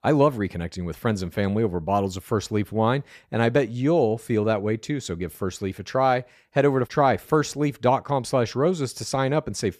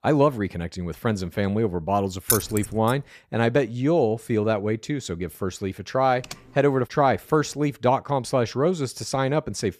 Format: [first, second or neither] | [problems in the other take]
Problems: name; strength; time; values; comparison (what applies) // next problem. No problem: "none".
first | jangling keys; loud; at 2.5 s; peak 1 dB above the speech // keyboard typing; faint; at 6 s; peak 15 dB below the speech